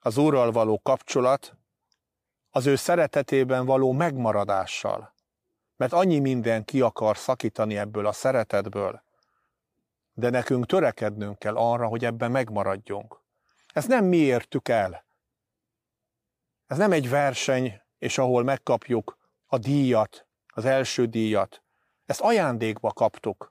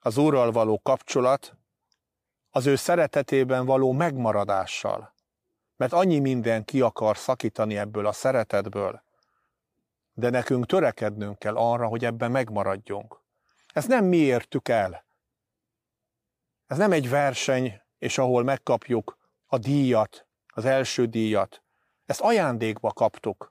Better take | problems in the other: neither | none

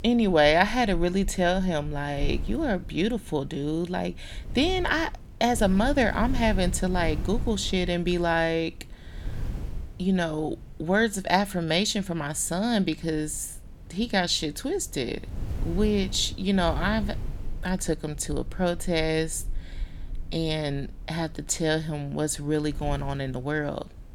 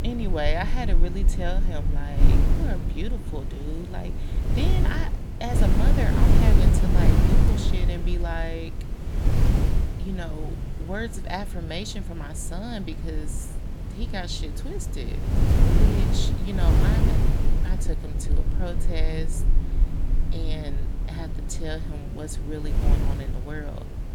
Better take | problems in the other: first | wind noise on the microphone; heavy; 2 dB below the speech; occasional gusts in the first

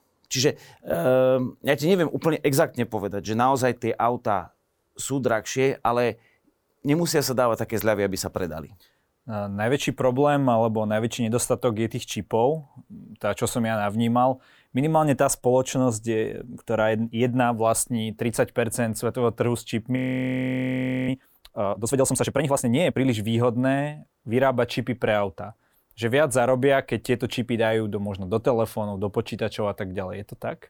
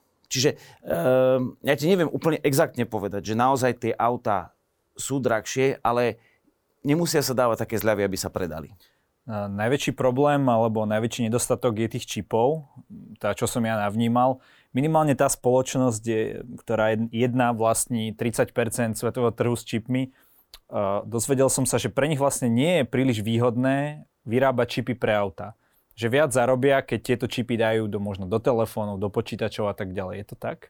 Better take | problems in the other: second | audio freezing; at 20 s for 1 s

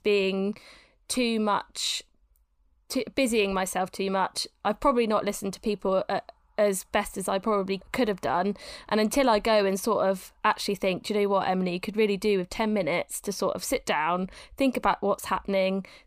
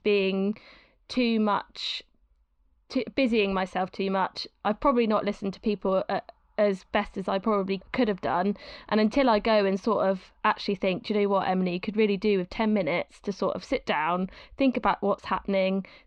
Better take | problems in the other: first | muffled; very slightly; fading above 4.5 kHz

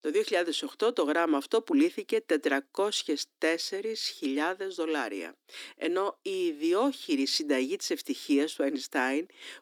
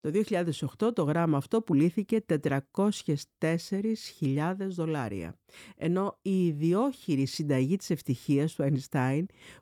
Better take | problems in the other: second | thin; very slightly; fading below 300 Hz

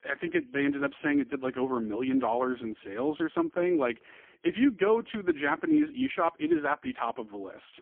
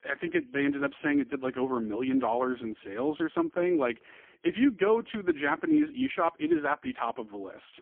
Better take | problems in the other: neither | phone-call audio; poor line; nothing above 3.5 kHz; the same in both

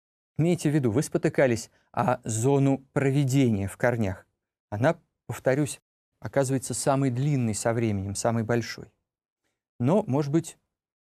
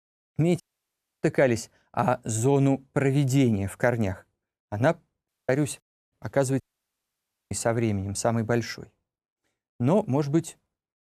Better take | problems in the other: first | audio cutting out; at 0.5 s for 0.5 s, at 5.5 s and at 6.5 s for 1 s

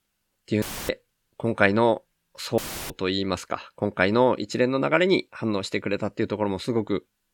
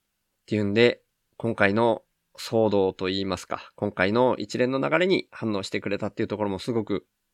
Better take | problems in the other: second | audio cutting out; filled with static; at 0.5 s and at 2.5 s

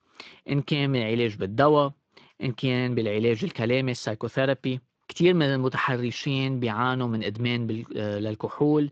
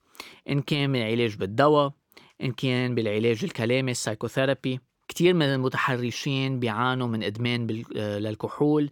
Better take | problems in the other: second | garbled, watery; slightly

